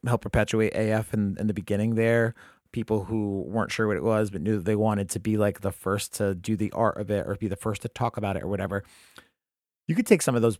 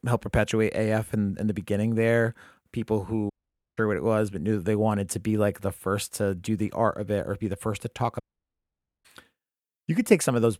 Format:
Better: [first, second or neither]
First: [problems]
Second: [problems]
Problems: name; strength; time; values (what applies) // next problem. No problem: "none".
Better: first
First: none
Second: audio cutting out; at 3.5 s and at 8 s for 1 s